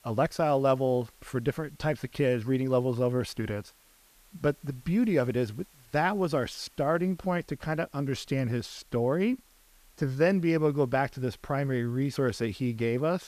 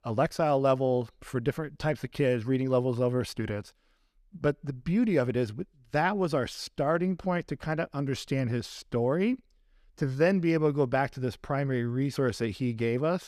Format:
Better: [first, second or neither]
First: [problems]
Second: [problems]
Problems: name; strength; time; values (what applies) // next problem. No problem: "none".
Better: second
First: hiss; faint; throughout; 30 dB below the speech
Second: none